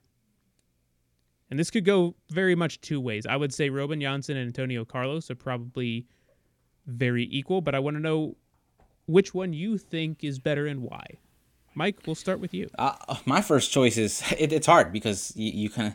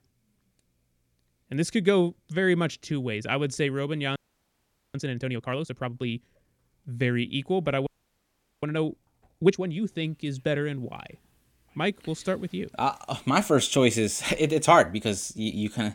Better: first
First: none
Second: audio freezing; at 4 s for 1 s and at 8 s for 0.5 s

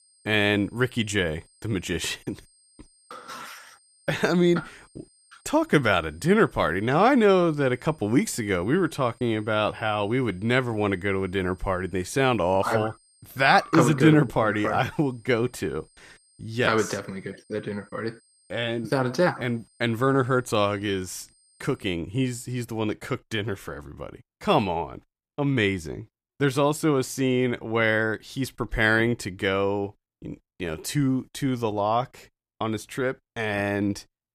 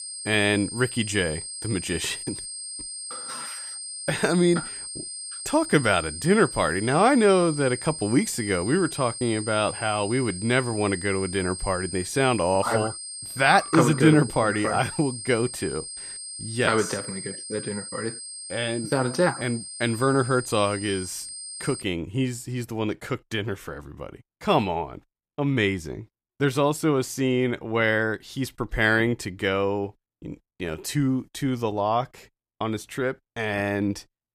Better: first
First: high-pitched whine; faint; until 22 s; 8.5 kHz, 35 dB below the speech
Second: high-pitched whine; loud; until 22 s; 8.5 kHz, 9 dB below the speech

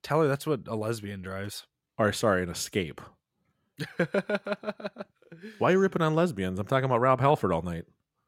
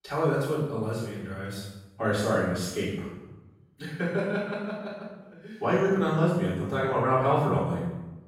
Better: first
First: none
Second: room echo; strong; dies away in 0.9 s // off-mic speech; far

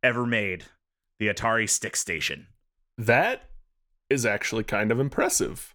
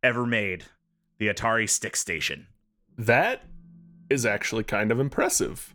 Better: first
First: none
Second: alarms or sirens; faint; throughout; 30 dB below the speech

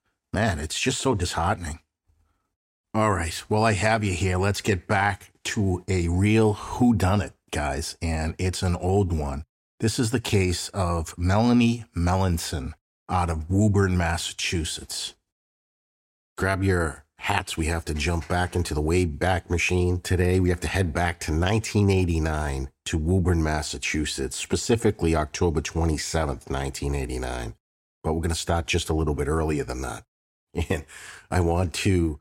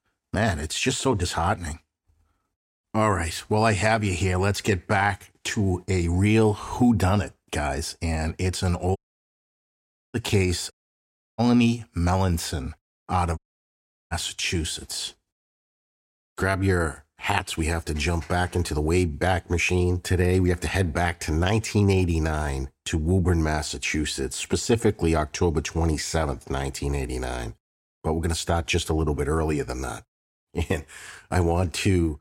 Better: first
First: none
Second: audio cutting out; at 9 s for 1 s, at 11 s for 0.5 s and at 13 s for 0.5 s

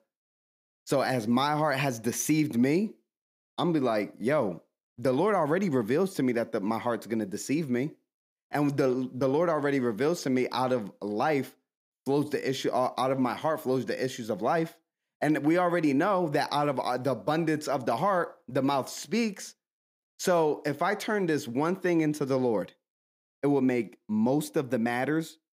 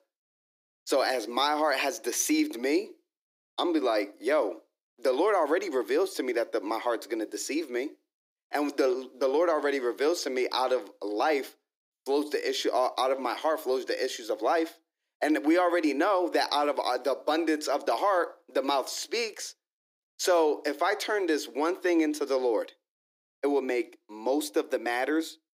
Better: first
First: none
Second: thin; somewhat; fading below 300 Hz

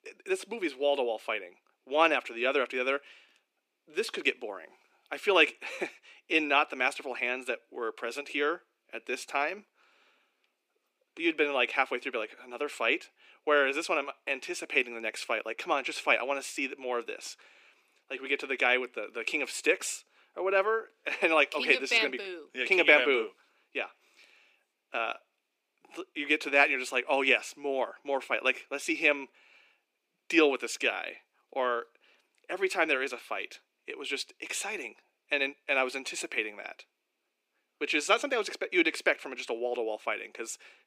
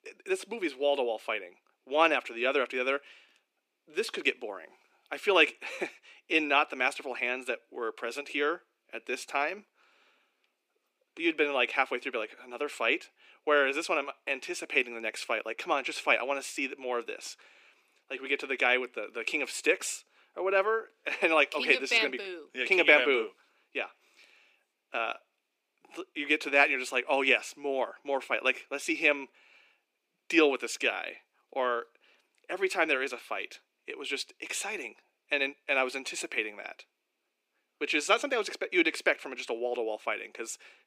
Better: neither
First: thin; somewhat; fading below 300 Hz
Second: thin; somewhat; fading below 300 Hz

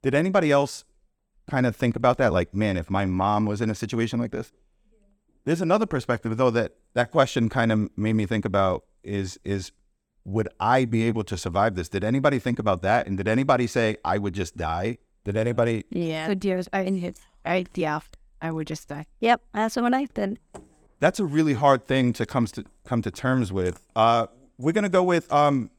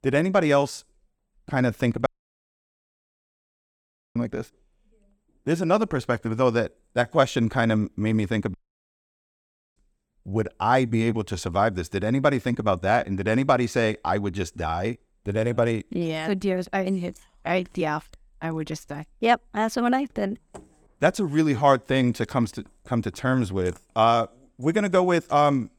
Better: first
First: none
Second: audio cutting out; at 2 s for 2 s and at 8.5 s for 1 s

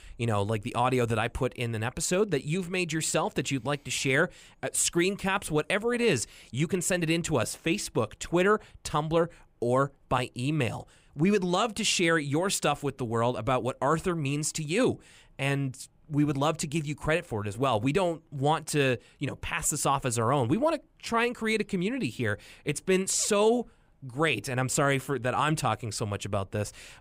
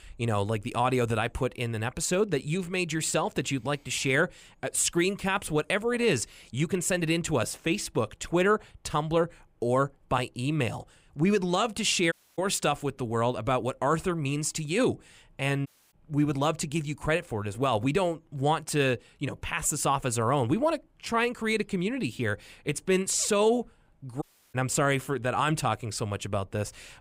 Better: first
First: none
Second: audio cutting out; at 12 s, at 16 s and at 24 s

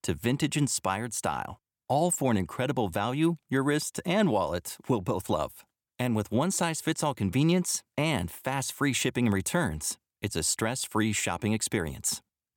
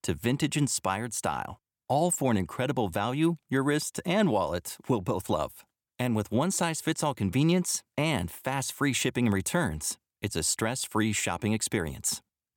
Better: neither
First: none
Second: none

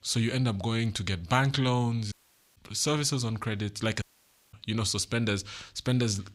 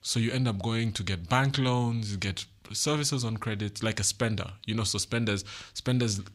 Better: second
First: audio cutting out; at 2 s and at 4 s for 0.5 s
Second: none

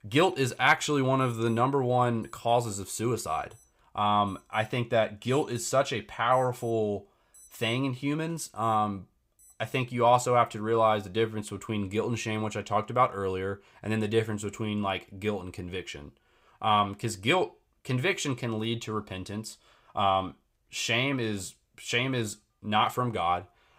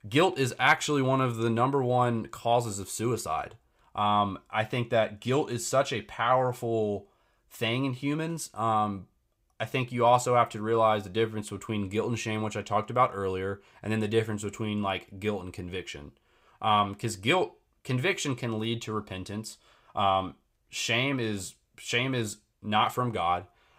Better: second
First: alarms or sirens; faint; throughout; 30 dB below the speech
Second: none

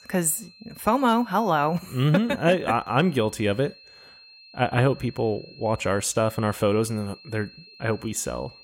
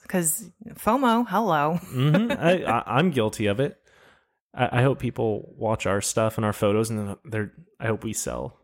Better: second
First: high-pitched whine; faint; throughout; 4 kHz, 25 dB below the speech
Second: none

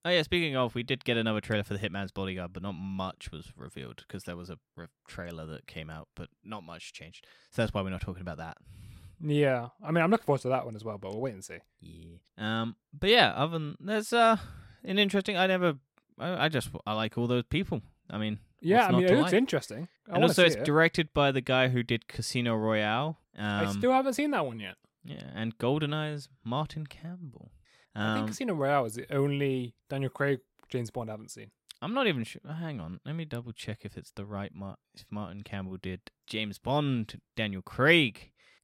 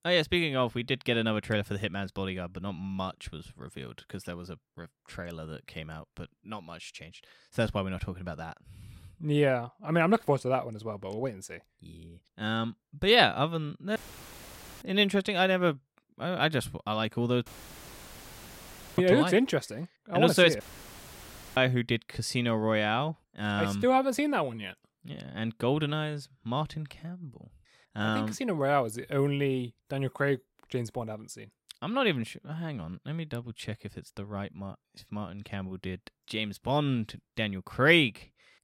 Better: first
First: none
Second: audio cutting out; filled with static; at 14 s for 1 s, at 17 s for 1.5 s and at 21 s for 1 s

